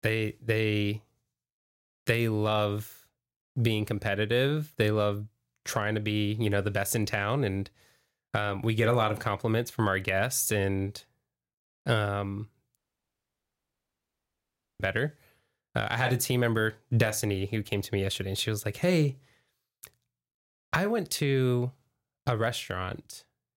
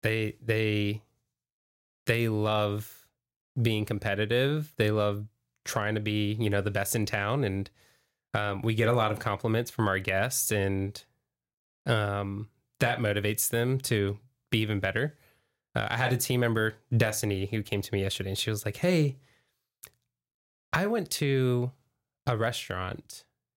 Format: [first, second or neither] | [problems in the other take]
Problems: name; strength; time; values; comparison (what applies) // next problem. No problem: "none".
second | audio cutting out; at 13 s for 2 s